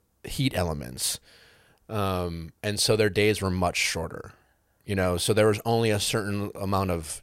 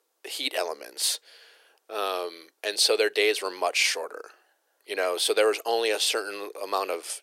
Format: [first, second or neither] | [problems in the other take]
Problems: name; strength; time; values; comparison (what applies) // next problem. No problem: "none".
first | thin; very; fading below 350 Hz